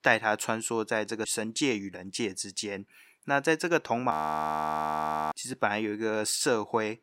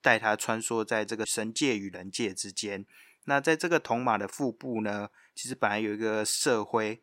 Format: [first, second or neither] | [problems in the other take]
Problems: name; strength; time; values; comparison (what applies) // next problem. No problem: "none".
second | audio freezing; at 4 s for 1 s